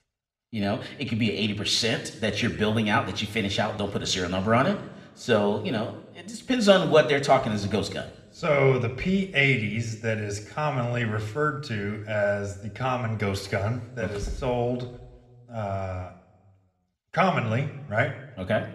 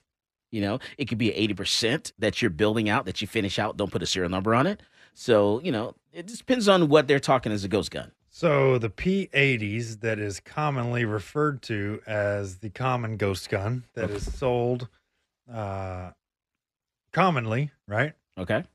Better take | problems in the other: second | room echo; very slight; dies away in 0.9 s

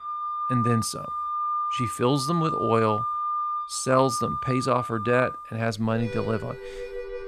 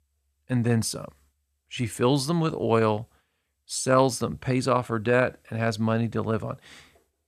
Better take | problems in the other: second | background music; loud; throughout; 4 dB below the speech

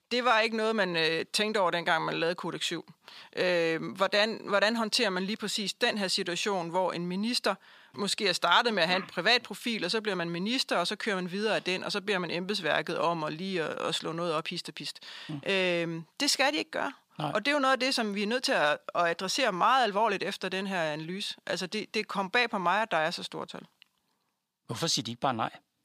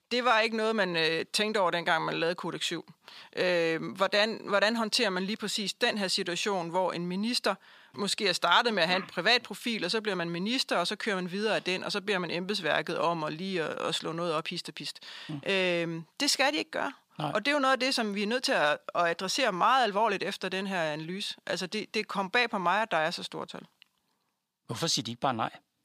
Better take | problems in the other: neither | thin; somewhat; fading below 650 Hz; the same in both

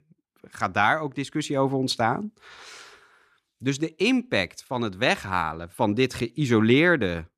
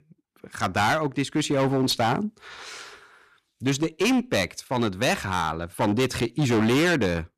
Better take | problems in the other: first | distortion; heavy; 14% of the sound clipped

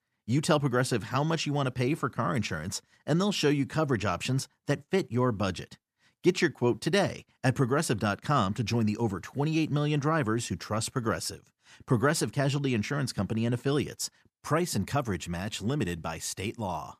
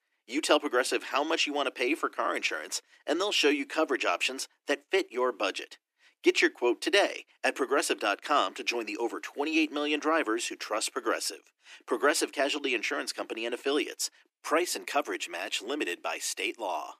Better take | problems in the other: first | thin; somewhat; fading below 300 Hz

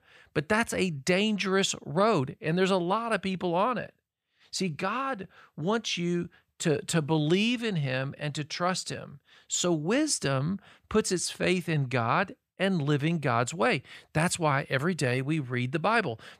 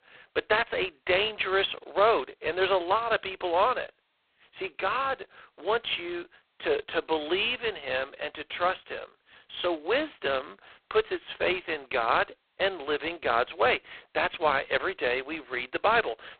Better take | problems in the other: first | phone-call audio; poor line; nothing above 4 kHz

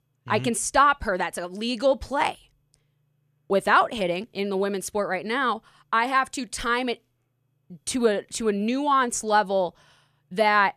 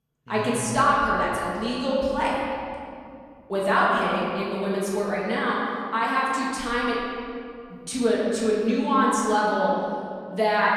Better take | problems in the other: first | off-mic speech; far // room echo; noticeable; dies away in 2.3 s

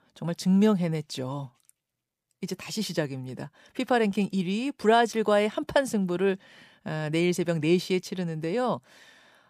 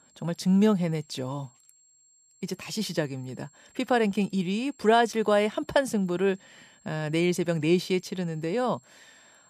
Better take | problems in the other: first | high-pitched whine; faint; throughout; 7.5 kHz, 30 dB below the speech

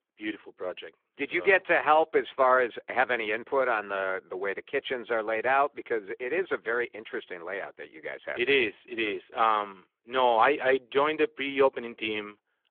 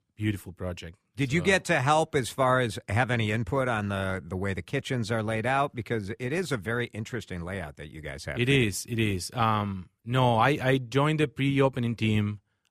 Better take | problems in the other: second | phone-call audio; nothing above 3.5 kHz

